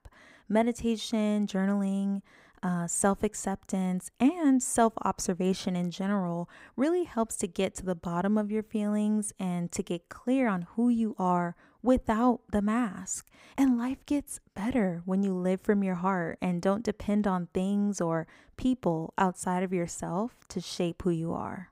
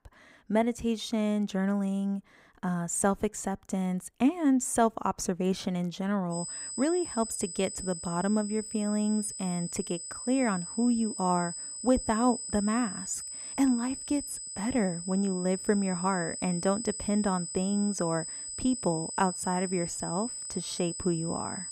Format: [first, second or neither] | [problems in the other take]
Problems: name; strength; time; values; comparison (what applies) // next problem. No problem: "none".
first | high-pitched whine; loud; from 6.5 s on; 8 kHz, 6 dB below the speech